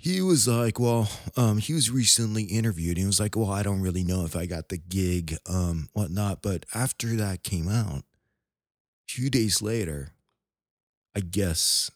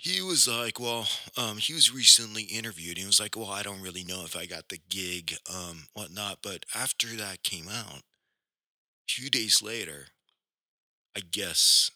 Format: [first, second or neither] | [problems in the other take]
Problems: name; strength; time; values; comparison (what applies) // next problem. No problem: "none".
first | thin; somewhat; fading below 1 kHz